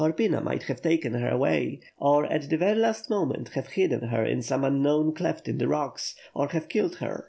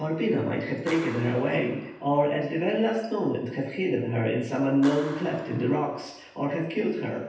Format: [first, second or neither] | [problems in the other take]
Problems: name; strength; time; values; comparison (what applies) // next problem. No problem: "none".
first | background sound (Clapping); 20 dB below the speech // room echo; dies away in 0.9 s